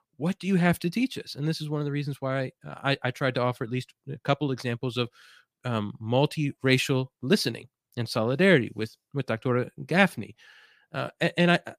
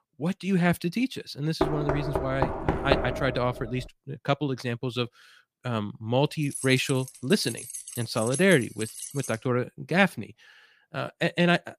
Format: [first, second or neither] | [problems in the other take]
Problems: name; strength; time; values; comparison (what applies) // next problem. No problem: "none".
first | door banging; loud; from 1.5 to 3.5 s; peak 1 dB above the speech // jangling keys; noticeable; from 6.5 to 9.5 s; peak 6 dB below the speech